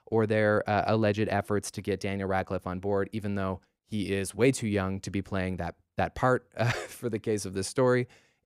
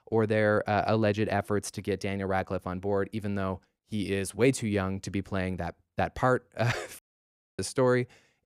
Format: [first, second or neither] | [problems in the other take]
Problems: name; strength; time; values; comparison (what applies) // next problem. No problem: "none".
first | audio cutting out; at 7 s for 0.5 s